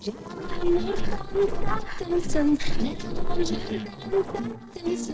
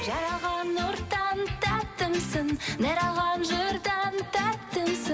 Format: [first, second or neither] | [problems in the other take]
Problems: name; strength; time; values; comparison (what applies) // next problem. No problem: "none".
second | noise reduction (neural separator model SepFormer DNS4)